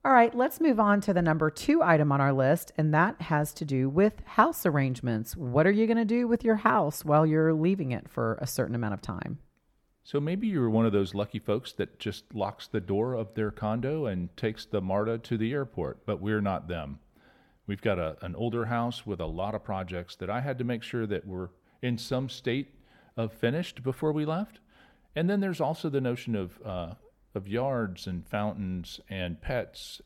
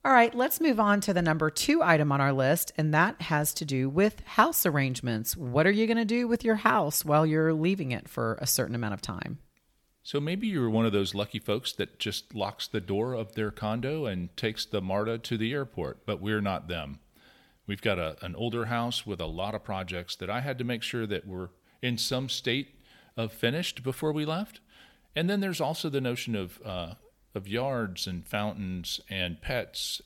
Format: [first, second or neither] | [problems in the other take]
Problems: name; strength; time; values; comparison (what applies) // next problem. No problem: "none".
second | muffled; slightly; fading above 2 kHz